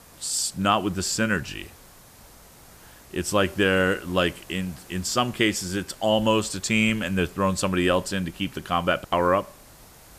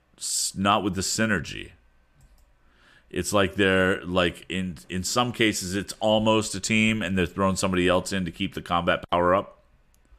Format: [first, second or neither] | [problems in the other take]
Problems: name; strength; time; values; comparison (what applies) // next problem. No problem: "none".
second | hiss; faint; throughout; 25 dB below the speech